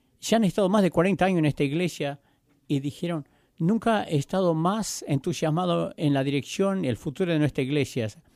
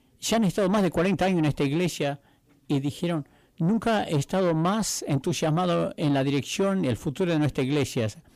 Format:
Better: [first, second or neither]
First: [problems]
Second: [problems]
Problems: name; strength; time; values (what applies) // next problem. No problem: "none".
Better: first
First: none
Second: distortion; slight; 10 dB below the speech